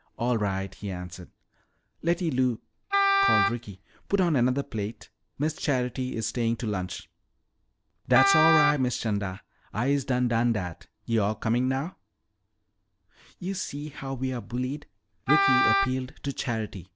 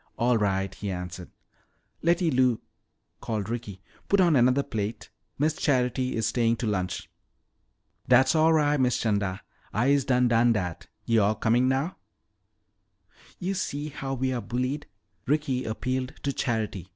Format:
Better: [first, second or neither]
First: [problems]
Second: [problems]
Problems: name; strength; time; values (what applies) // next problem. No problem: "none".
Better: second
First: background sound (Wind instrument, woodwind instrument); 3 dB above the speech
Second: none